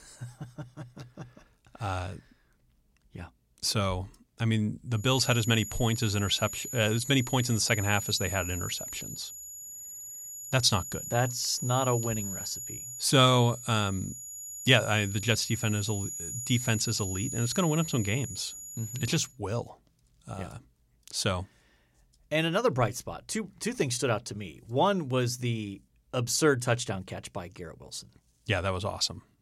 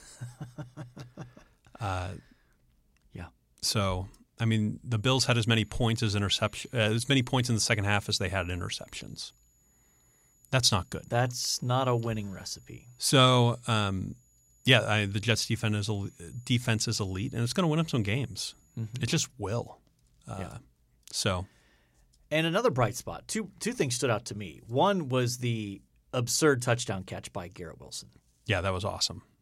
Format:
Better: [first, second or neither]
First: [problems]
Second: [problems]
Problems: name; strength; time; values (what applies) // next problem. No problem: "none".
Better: second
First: high-pitched whine; loud; from 5 to 19 s; 7 kHz, 8 dB below the speech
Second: high-pitched whine; faint; from 5 to 19 s; 7 kHz, 35 dB below the speech